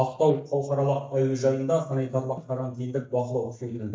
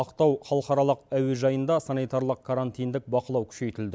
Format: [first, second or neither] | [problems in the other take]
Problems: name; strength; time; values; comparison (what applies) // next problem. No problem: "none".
second | noise reduction (neural mask model DeepFilterNet 3)